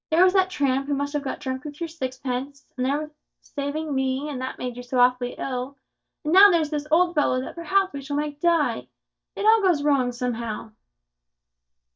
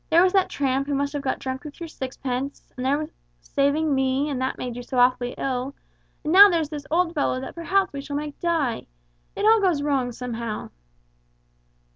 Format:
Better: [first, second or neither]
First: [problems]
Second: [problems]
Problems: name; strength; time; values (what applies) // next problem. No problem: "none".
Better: second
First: noise reduction (neural mask model DeepFilterNet 3)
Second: none